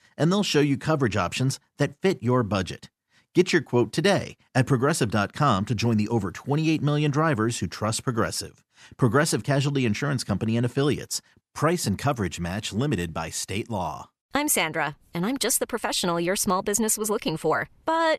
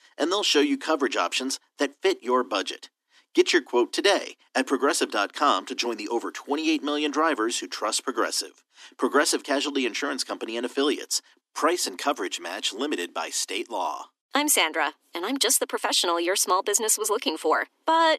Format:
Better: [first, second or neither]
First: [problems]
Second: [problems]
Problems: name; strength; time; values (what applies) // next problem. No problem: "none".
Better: first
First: none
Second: thin; somewhat; fading below 250 Hz